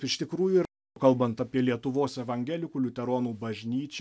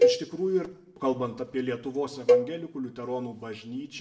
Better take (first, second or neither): first